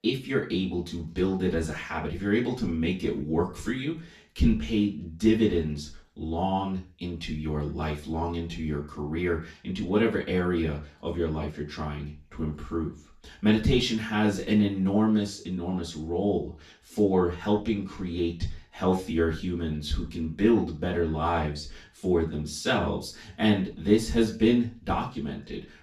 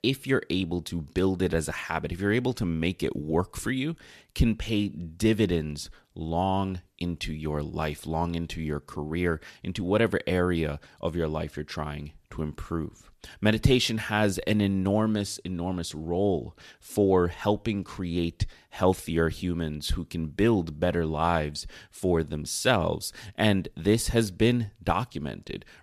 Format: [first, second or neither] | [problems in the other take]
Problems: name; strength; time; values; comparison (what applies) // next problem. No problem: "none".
second | room echo; slight; dies away in 0.3 s // off-mic speech; far